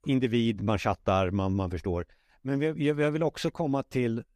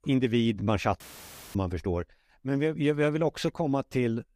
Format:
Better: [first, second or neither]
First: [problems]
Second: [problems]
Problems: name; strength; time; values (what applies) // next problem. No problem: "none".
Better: first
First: none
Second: audio cutting out; filled with static; at 1 s for 0.5 s